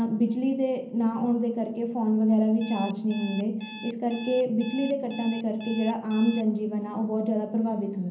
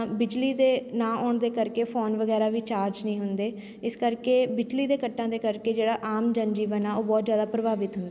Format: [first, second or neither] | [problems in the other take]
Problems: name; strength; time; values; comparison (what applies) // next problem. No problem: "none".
second | background sound (Alarm); 17 dB below the speech // room echo; dies away in 0.6 s